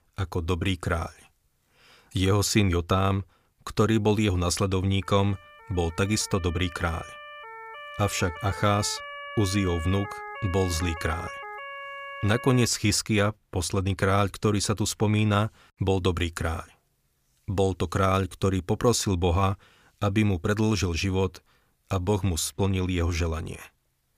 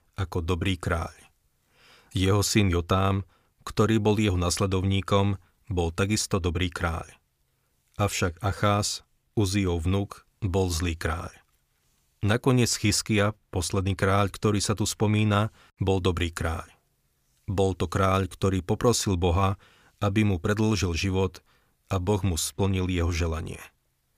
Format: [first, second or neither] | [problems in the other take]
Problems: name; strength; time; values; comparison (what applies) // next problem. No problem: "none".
second | siren; faint; from 5 to 13 s; peak 10 dB below the speech